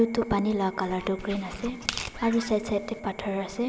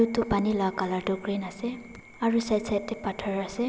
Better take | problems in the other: second | background sound (Tearing + Scratching (performance technique)); 11 dB below the speech

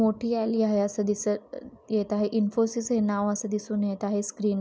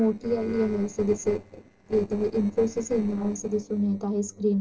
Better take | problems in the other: first | noise reduction (neural separator model SepFormer DNS4)

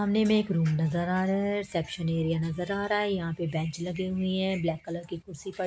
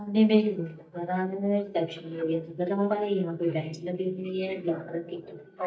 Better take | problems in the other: first | noise reduction (neural mask model DeepFilterNet 3)

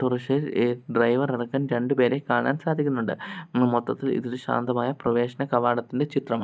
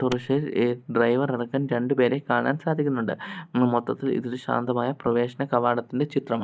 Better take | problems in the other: first | noise reduction (neural mask model Resemble Enhance denoiser)

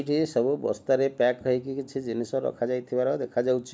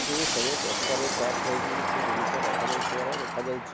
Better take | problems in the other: first | background sound (Shatter + Train); 5 dB above the speech

